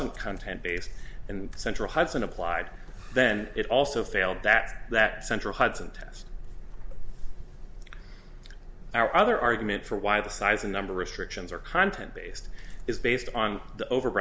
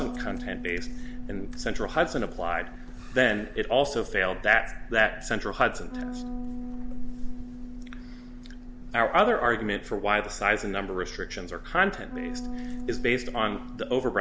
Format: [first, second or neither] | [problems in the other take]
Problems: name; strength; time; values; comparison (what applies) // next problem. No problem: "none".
first | background sound (Bass guitar); 13 dB below the speech